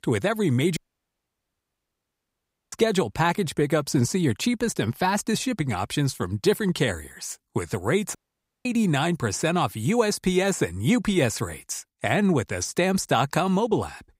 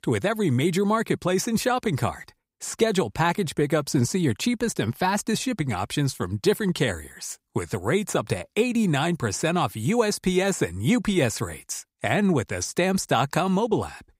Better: second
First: audio cutting out; at 1 s for 2 s and at 8 s for 0.5 s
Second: none

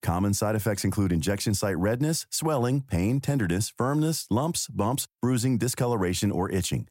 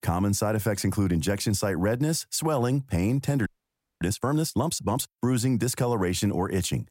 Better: first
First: none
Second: audio freezing; at 3.5 s for 0.5 s

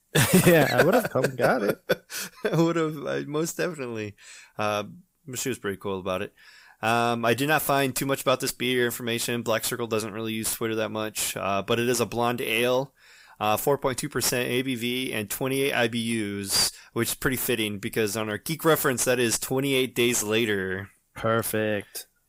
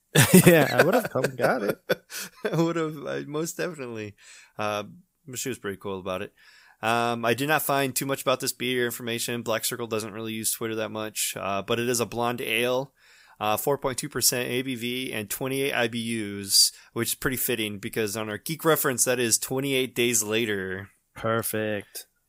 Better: second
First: distortion; slight; 10 dB below the speech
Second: none

